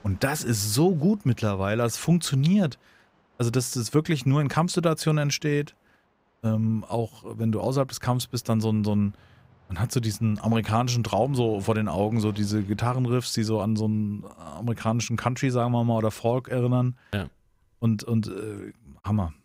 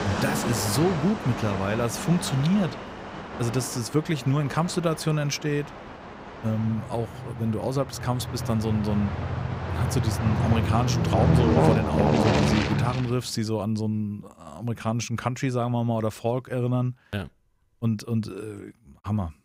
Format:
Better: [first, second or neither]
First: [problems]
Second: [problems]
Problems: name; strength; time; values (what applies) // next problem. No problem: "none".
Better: first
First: train or aircraft noise; faint; until 13 s; 30 dB below the speech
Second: train or aircraft noise; loud; until 13 s; as loud as the speech